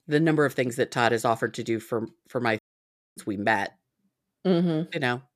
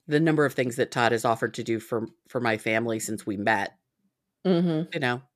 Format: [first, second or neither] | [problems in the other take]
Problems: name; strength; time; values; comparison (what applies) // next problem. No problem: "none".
second | audio cutting out; at 2.5 s for 0.5 s